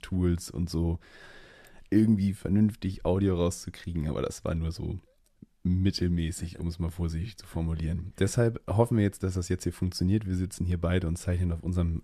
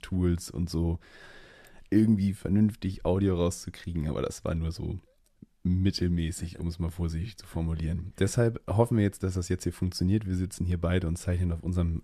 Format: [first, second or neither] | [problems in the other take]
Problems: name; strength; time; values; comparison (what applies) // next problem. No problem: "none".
neither | none